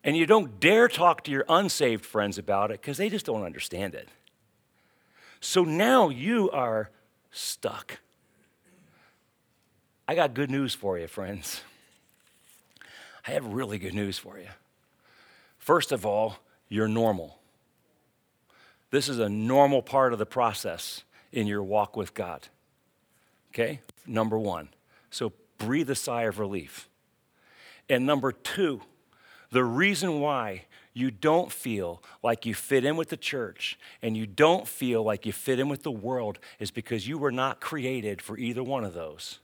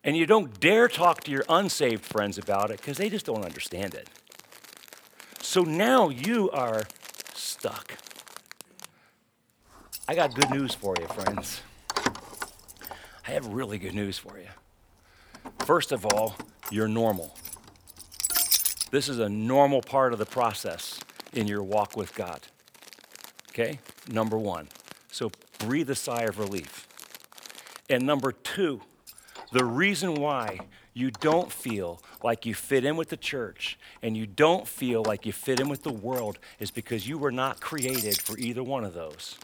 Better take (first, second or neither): first